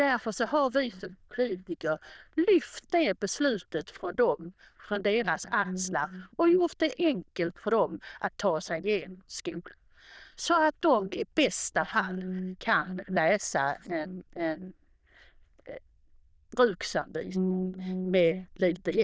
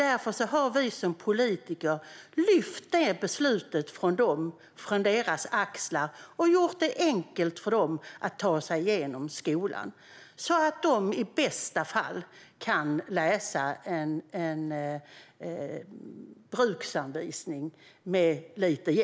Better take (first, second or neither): second